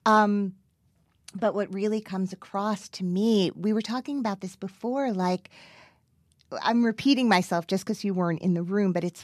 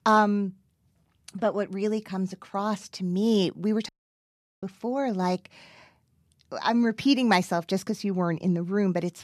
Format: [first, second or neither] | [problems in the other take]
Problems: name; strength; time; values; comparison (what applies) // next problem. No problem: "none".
first | audio cutting out; at 4 s for 0.5 s